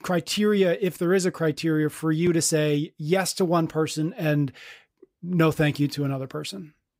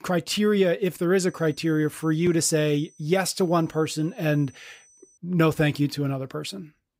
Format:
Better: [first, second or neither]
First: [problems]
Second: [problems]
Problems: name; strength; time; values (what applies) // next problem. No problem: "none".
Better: first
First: none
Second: high-pitched whine; faint; from 1.5 to 5 s; 6 kHz, 30 dB below the speech